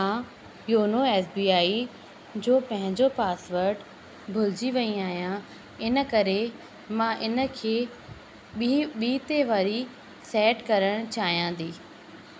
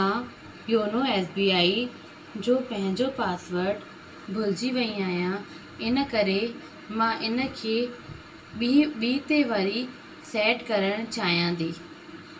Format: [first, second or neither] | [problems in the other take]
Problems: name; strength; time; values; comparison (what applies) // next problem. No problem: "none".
first | room echo; dies away in 0.2 s